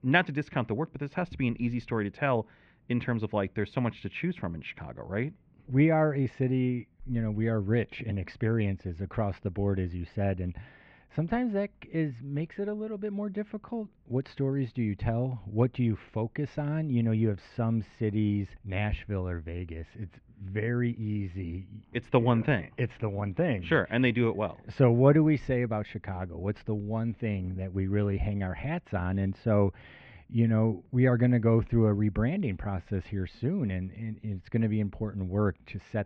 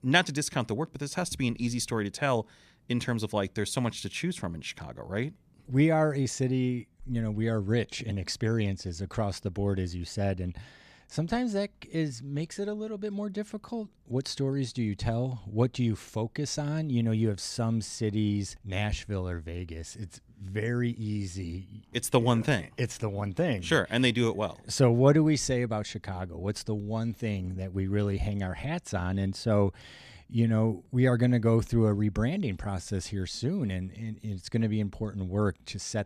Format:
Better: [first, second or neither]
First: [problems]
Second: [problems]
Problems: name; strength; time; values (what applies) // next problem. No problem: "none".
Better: second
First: muffled; very; fading above 2.5 kHz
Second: none